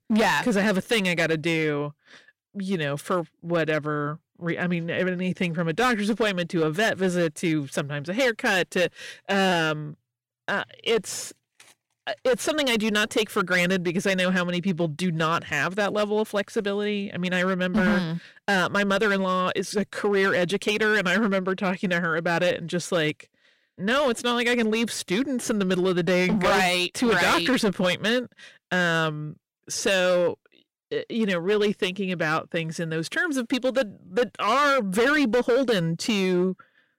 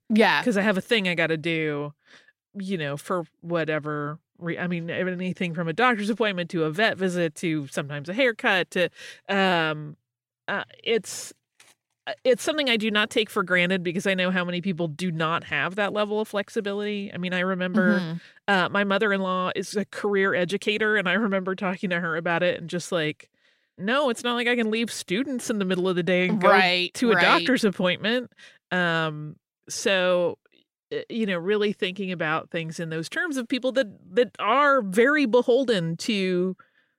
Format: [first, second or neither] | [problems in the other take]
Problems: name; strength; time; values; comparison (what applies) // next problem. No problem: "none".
second | distortion; slight; 8% of the sound clipped